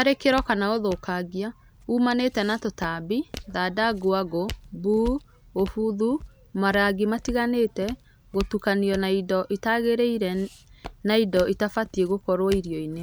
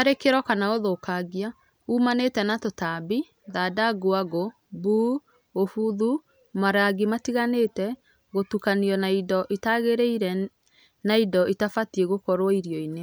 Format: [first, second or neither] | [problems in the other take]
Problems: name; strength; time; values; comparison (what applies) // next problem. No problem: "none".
second | background sound (Walk, footsteps); 17 dB below the speech